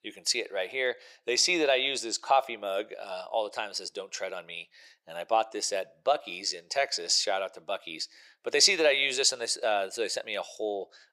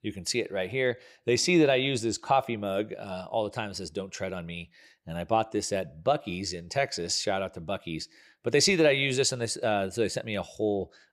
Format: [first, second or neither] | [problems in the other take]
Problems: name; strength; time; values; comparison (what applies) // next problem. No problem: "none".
second | thin; very; fading below 600 Hz